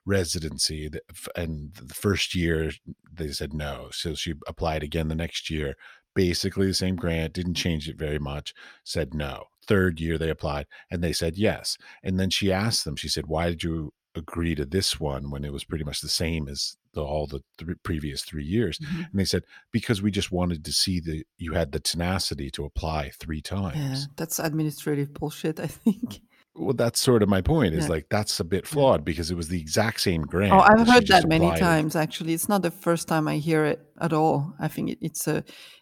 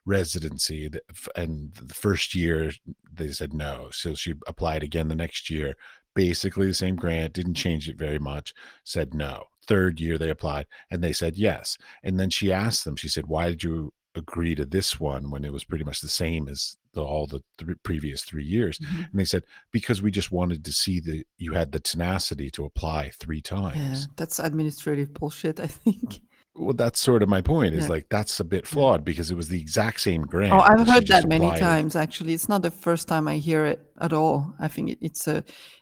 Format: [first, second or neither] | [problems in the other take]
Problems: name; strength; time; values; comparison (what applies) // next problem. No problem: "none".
first | garbled, watery; slightly; nothing above 15.5 kHz